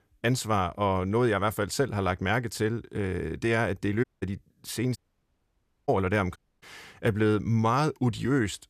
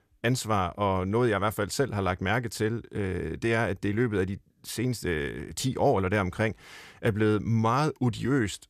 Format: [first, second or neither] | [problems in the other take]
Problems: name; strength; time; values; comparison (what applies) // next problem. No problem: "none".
second | audio cutting out; at 4 s, at 5 s for 1 s and at 6.5 s